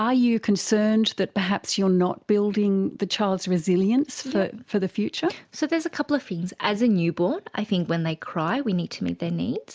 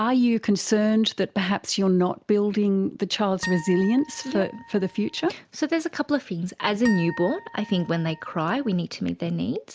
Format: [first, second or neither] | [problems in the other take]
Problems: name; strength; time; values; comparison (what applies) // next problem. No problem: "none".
first | background sound (Harp); 15 dB below the speech